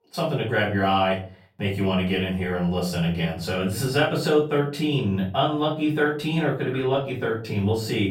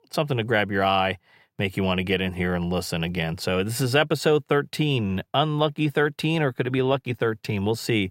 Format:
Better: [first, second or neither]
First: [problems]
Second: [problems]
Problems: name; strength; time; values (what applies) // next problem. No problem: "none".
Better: second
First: off-mic speech; far // room echo; noticeable; dies away in 0.4 s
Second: none